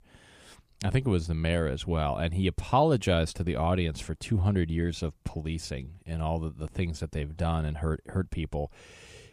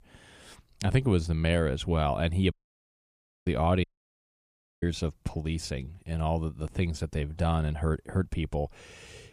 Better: first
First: none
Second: audio cutting out; at 2.5 s for 1 s and at 4 s for 1 s

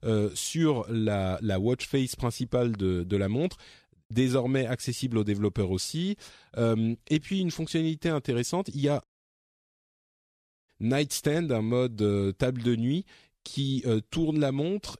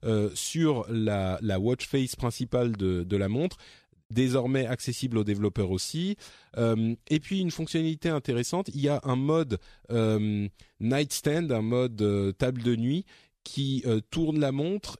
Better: second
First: audio cutting out; at 9 s for 1.5 s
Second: none

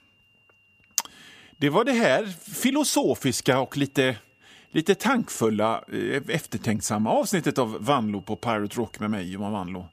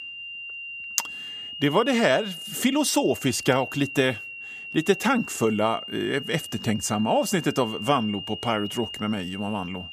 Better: first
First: high-pitched whine; faint; throughout; 3 kHz, 35 dB below the speech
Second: high-pitched whine; loud; throughout; 3 kHz, 10 dB below the speech

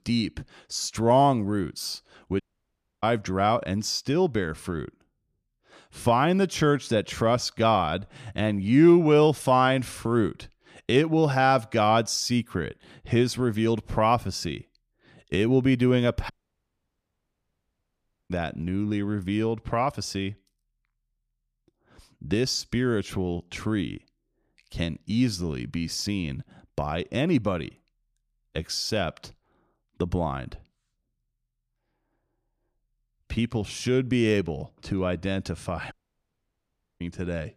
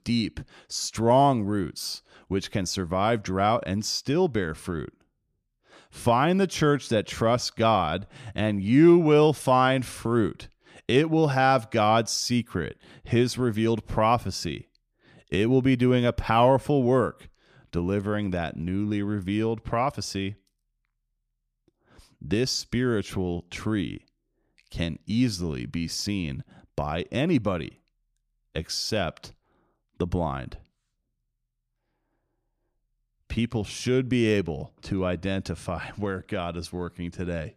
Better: second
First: audio cutting out; at 2.5 s for 0.5 s, at 16 s for 2 s and at 36 s for 1 s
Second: none

